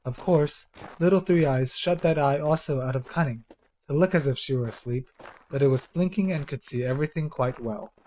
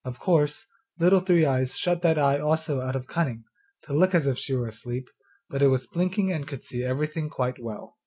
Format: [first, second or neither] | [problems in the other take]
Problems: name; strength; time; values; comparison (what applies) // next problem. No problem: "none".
second | noise reduction (neural mask model RNNoise)